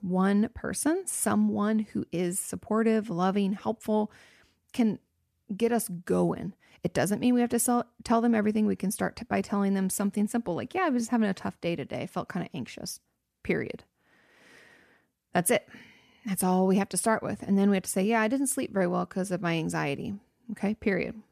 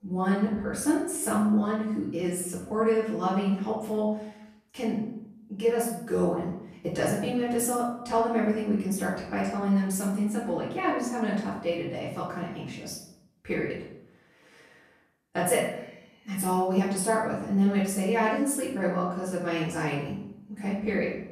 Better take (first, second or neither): first